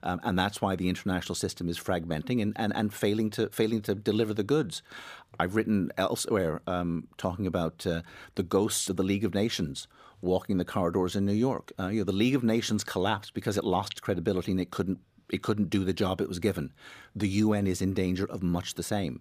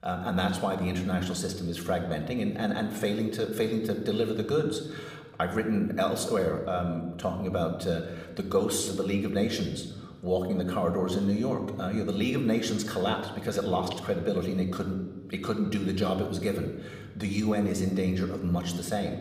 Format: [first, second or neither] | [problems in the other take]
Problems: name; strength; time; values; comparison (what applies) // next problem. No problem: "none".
first | room echo; slight; dies away in 1 s